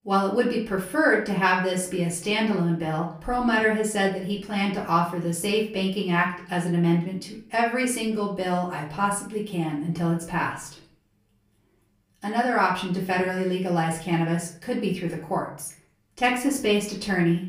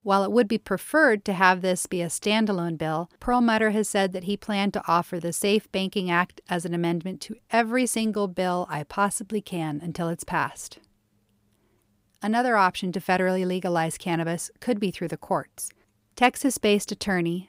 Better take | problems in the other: second | off-mic speech; far // room echo; slight; dies away in 0.5 s

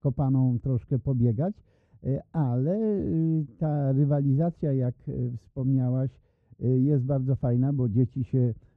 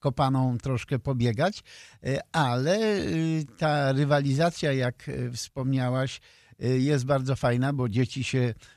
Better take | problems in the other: second | muffled; very; fading above 1 kHz

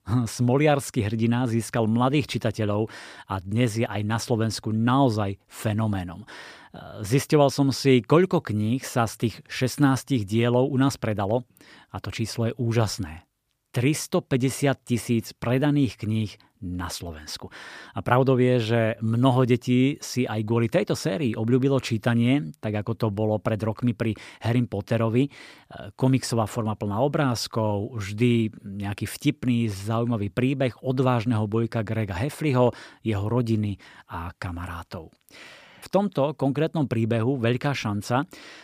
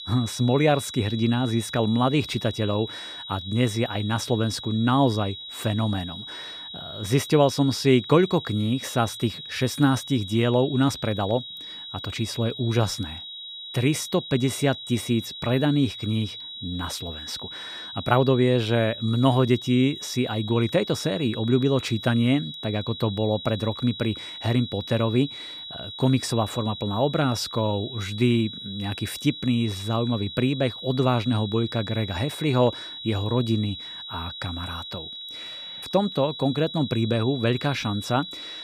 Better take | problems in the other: first | high-pitched whine; noticeable; throughout; 4 kHz, 10 dB below the speech

